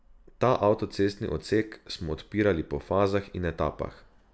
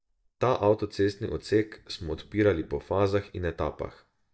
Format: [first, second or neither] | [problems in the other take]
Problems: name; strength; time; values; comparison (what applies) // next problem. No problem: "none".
first | noise reduction (neural mask model DeepFilterNet 3)